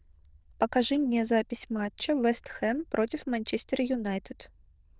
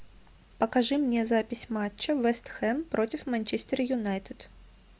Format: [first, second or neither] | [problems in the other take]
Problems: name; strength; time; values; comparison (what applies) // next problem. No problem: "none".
second | noise reduction (neural diffusion model UNIVERSE++)